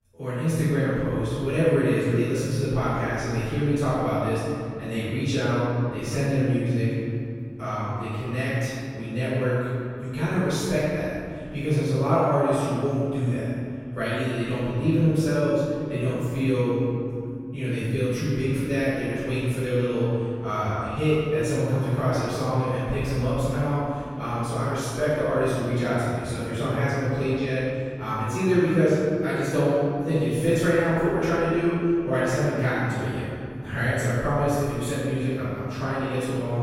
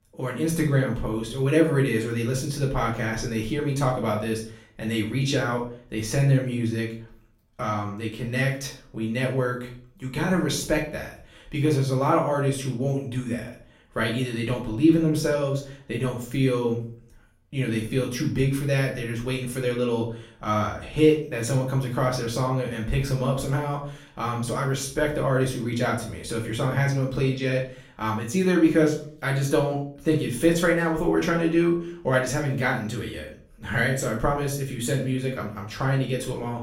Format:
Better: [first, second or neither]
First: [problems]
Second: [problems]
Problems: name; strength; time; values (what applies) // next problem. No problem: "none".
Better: second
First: room echo; strong; dies away in 2.7 s // off-mic speech; far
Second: room echo; slight; dies away in 0.4 s // off-mic speech; far